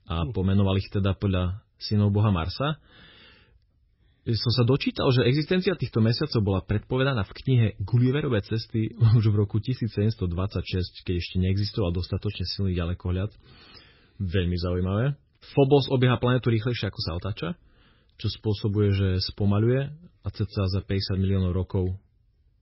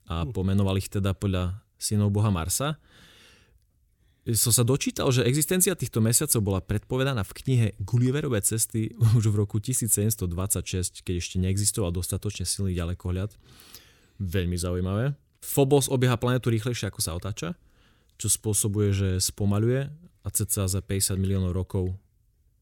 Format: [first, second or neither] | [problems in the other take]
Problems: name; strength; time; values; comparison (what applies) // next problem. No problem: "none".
second | garbled, watery; badly; nothing above 5.5 kHz